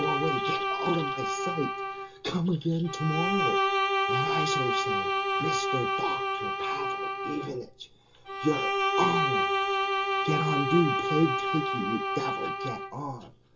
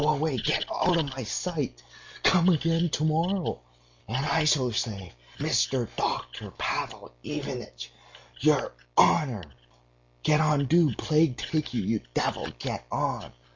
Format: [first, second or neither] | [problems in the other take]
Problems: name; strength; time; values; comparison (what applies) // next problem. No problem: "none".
second | background sound (Bowed string instrument); 3 dB above the speech // room echo; dies away in 0.2 s